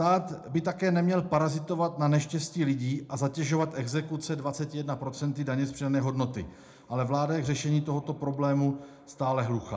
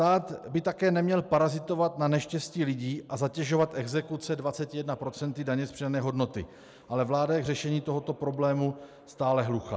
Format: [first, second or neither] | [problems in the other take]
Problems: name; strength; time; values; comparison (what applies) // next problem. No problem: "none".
second | room echo; dies away in 0.3 s